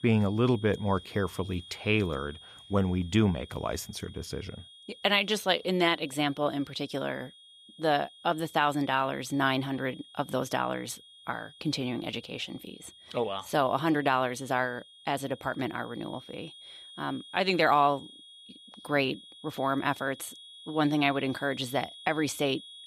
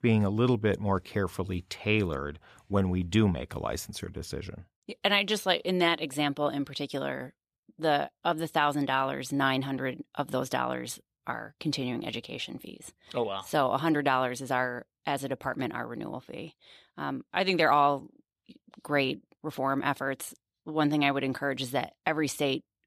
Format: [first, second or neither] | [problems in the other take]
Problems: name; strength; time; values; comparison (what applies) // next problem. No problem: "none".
second | high-pitched whine; noticeable; throughout; 3.5 kHz, 20 dB below the speech